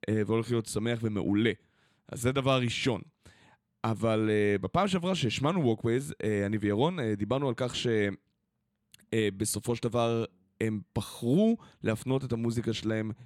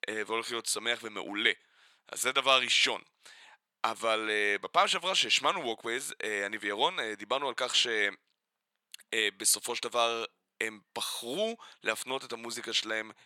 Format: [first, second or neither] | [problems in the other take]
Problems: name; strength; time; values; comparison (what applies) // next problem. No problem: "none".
first | thin; very; fading below 850 Hz